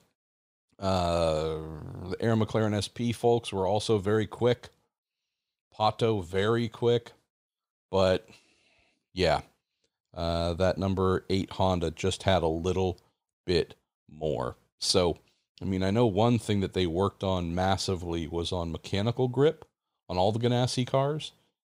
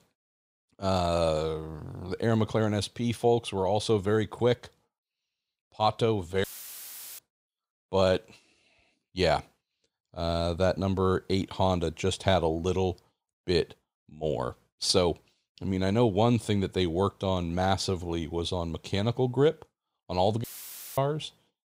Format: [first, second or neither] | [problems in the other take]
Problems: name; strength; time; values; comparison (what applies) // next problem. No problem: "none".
first | audio cutting out; filled with static; at 6.5 s for 1 s and at 20 s for 0.5 s